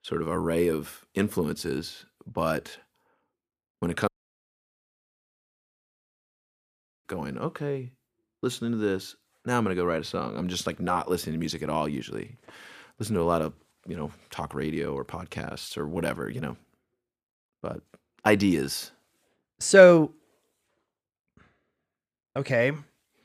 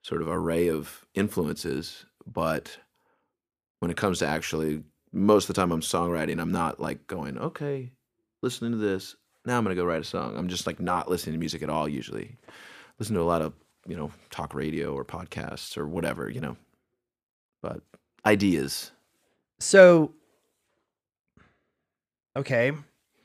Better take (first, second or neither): second